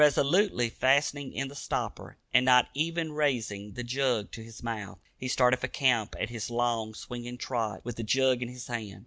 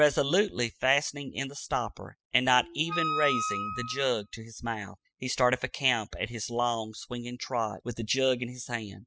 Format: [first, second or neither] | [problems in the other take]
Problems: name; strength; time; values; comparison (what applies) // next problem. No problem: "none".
first | noise reduction (classical method spectral subtraction)